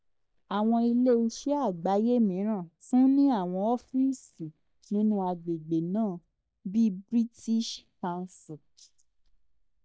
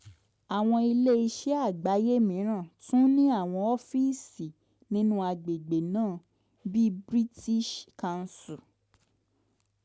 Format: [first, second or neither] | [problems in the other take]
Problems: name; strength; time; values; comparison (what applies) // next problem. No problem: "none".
second | noise reduction (neural mask model DeepFilterNet 3)